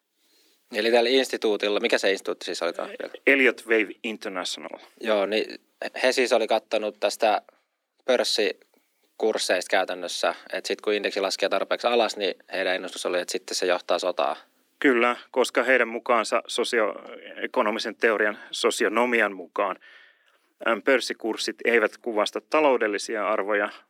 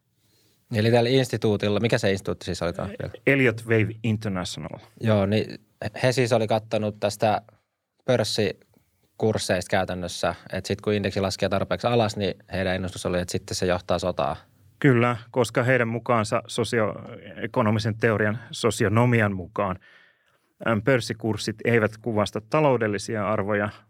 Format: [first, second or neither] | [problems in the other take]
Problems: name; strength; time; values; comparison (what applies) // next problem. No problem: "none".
second | thin; somewhat; fading below 250 Hz